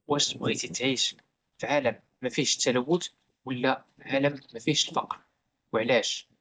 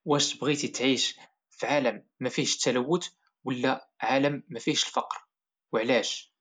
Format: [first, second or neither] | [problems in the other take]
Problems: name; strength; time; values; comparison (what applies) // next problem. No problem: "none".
second | noise reduction (neural mask model DeepFilterNet 3)